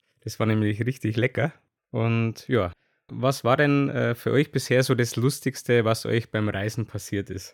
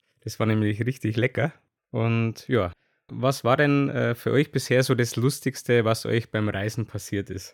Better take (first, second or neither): neither